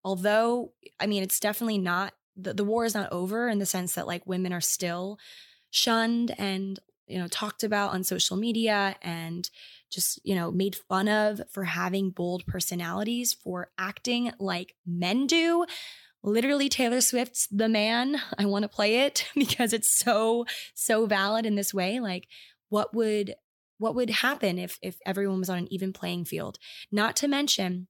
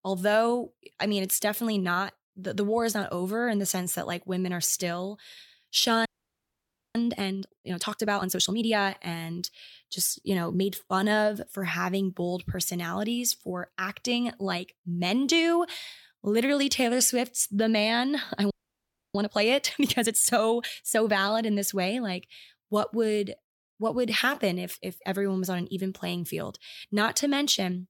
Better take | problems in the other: first | audio freezing; at 6 s for 1 s and at 19 s for 0.5 s

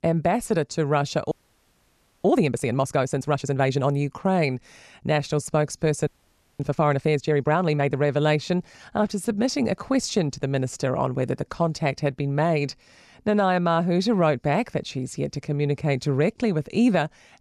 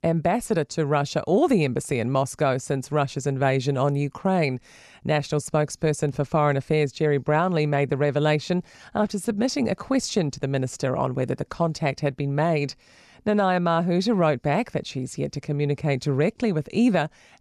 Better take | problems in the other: second | audio freezing; at 1.5 s for 1 s and at 6 s for 0.5 s

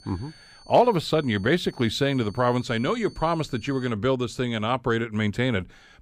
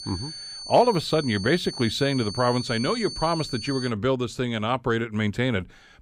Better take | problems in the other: first | high-pitched whine; loud; until 4 s; 4.5 kHz, 9 dB below the speech; faint in the first

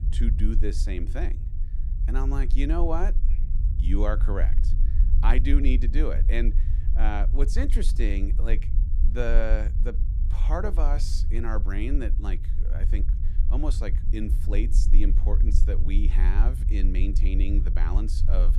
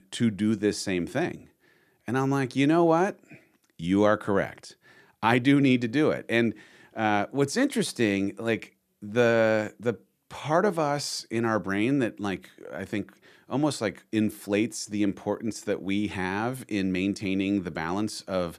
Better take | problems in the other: second | low rumble; noticeable; throughout; 10 dB below the speech

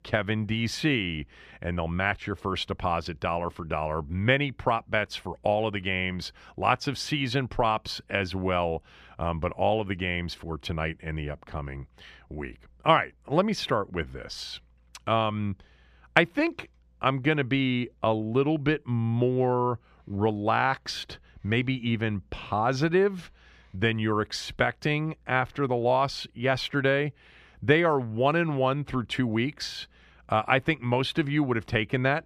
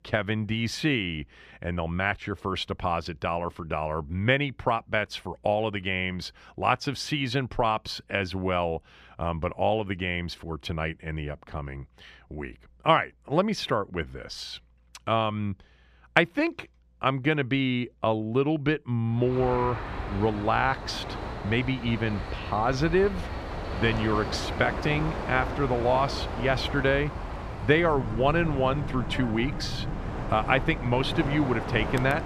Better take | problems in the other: first | train or aircraft noise; loud; from 19 s on; 7 dB below the speech

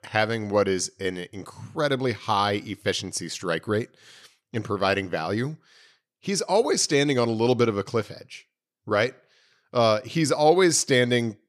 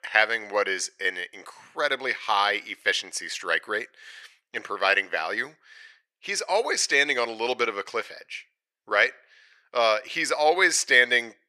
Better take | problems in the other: first | thin; very; fading below 600 Hz

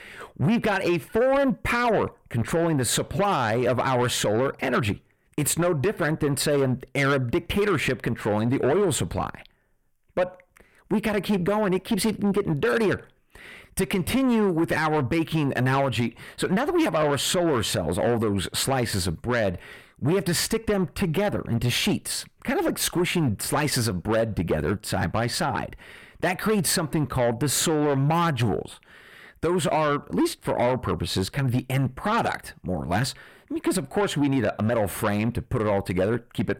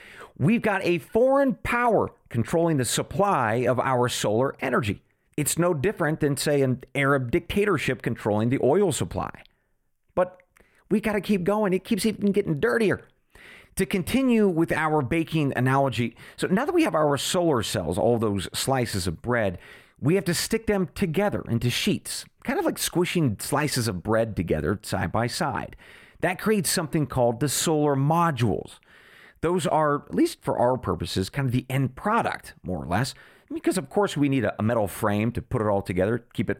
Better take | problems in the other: second | distortion; slight; 10 dB below the speech

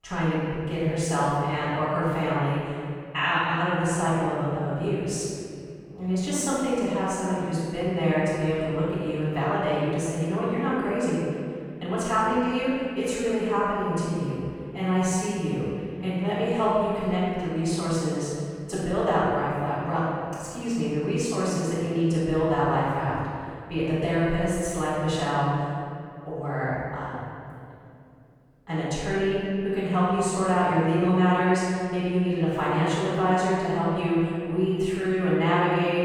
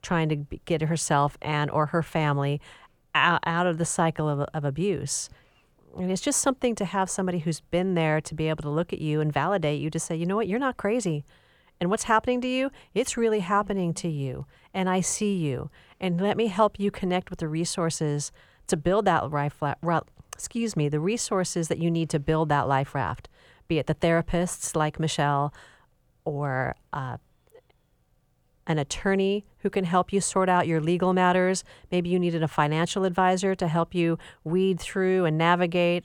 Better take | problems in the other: second | off-mic speech; far // room echo; strong; dies away in 2.2 s

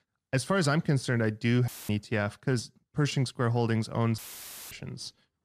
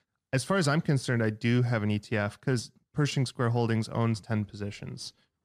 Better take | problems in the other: second | audio cutting out; filled with static; at 1.5 s and at 4 s for 0.5 s

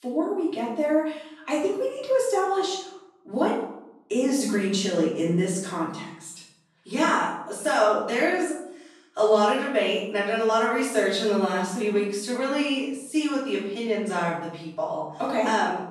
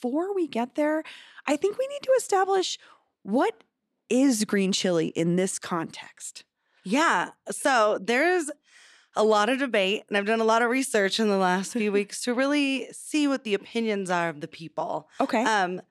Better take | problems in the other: second | off-mic speech; far // room echo; noticeable; dies away in 0.7 s

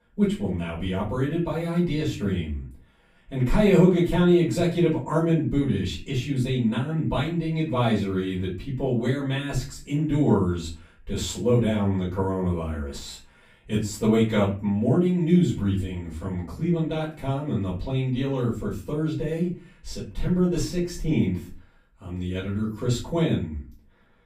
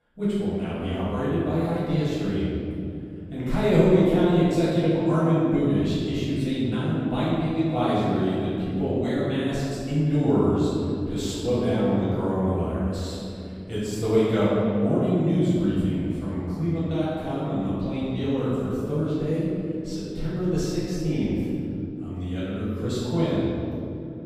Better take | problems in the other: first | room echo; strong; dies away in 2.7 s; slight in the first // off-mic speech; far; far in the first

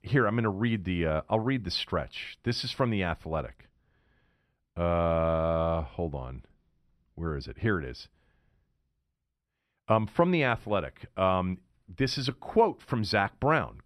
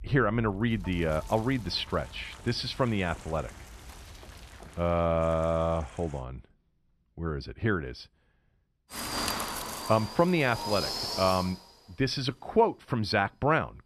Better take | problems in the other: first | wind noise on the microphone; heavy; until 6 s and from 9 s on; 7 dB below the speech

